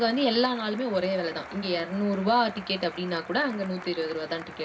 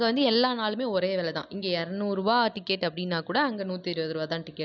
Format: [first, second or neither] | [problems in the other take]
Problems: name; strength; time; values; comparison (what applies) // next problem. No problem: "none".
second | background sound (Applause); 15 dB below the speech // room echo; dies away in 0.4 s